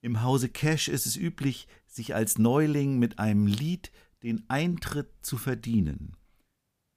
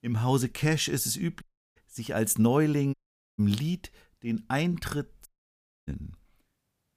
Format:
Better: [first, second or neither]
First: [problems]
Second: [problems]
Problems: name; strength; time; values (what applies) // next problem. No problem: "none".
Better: first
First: none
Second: audio cutting out; at 1.5 s, at 3 s and at 5.5 s for 0.5 s